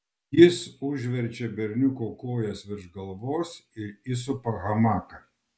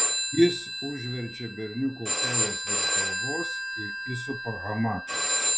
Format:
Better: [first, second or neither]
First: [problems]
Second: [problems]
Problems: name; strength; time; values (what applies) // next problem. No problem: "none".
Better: first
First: none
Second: background sound (Telephone); 3 dB above the speech